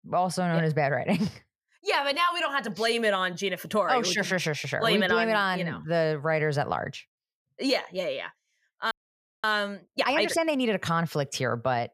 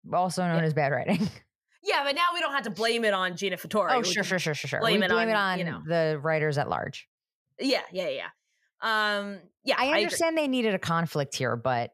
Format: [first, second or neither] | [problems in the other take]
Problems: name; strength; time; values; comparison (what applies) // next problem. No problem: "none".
second | audio freezing; at 9 s for 0.5 s